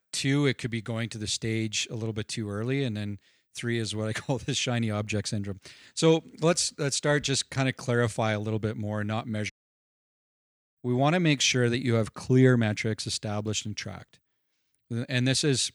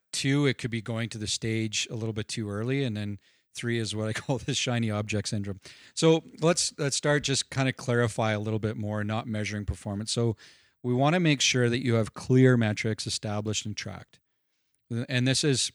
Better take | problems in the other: second | audio cutting out; at 9.5 s for 1.5 s

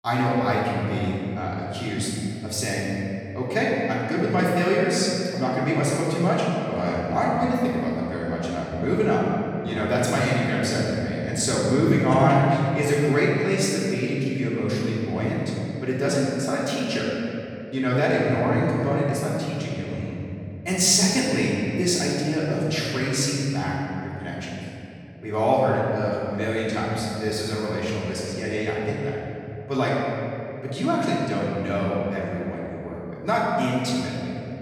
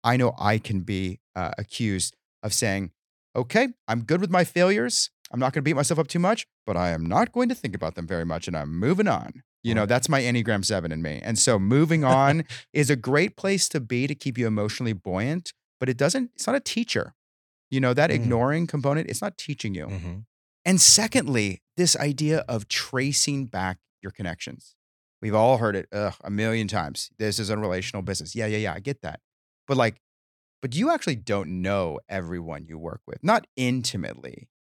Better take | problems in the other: second | off-mic speech; far // room echo; strong; dies away in 2.7 s

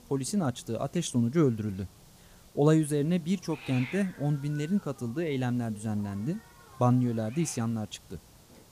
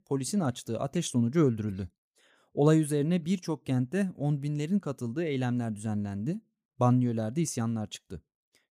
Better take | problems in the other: second | hiss; faint; throughout; 20 dB below the speech

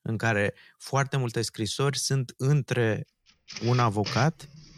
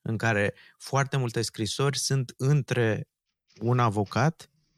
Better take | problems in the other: second | household noises; loud; from 3.5 s on; 9 dB below the speech; faint in the second

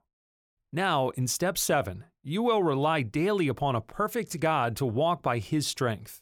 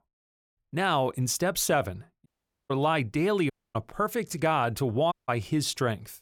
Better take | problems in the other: first | audio cutting out; at 2.5 s, at 3.5 s and at 5 s

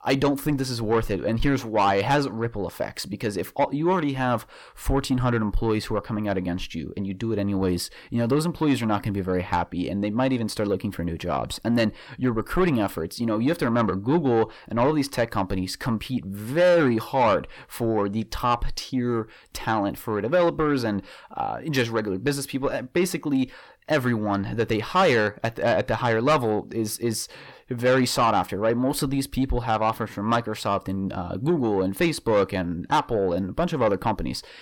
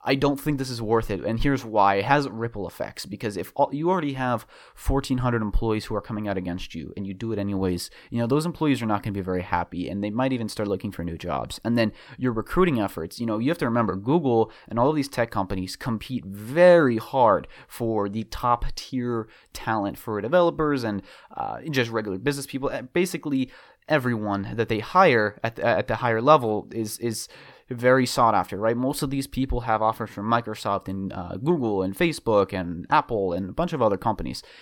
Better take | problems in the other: second | distortion; slight; 10 dB below the speech

